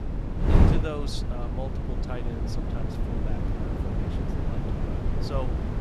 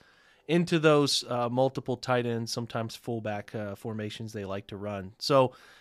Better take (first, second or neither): second